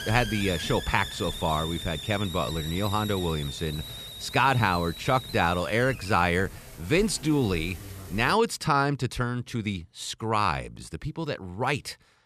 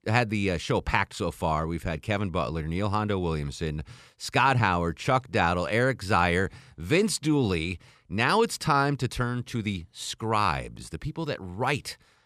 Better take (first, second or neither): second